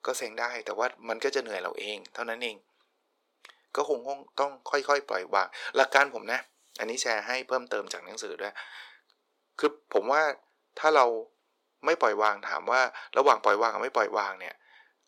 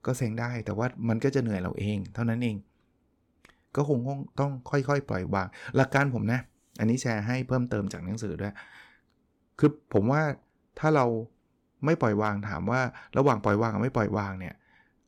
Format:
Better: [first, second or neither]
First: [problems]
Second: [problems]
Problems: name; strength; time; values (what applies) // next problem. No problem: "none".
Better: second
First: thin; very; fading below 450 Hz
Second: none